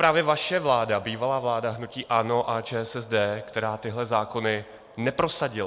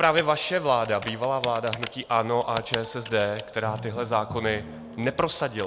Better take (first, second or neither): first